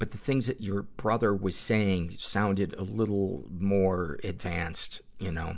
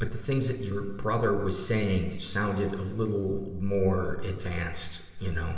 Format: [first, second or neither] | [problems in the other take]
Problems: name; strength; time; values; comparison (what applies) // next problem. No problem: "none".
first | room echo; dies away in 1.4 s